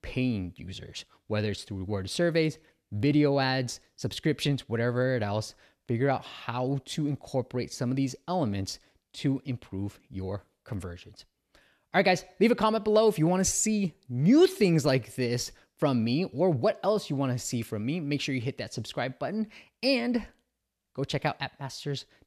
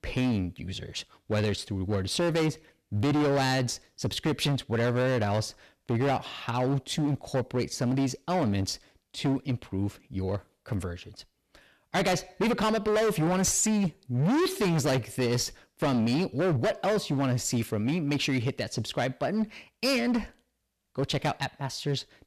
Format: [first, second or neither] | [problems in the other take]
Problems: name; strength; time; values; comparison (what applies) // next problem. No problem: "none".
first | distortion; heavy; 15% of the sound clipped